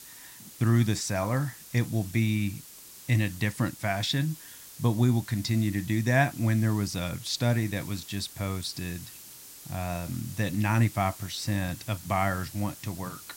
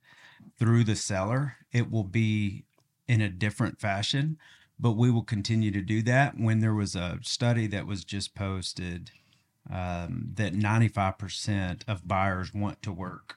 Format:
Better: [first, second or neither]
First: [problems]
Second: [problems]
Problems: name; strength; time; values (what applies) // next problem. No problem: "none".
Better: second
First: hiss; noticeable; throughout; 15 dB below the speech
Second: none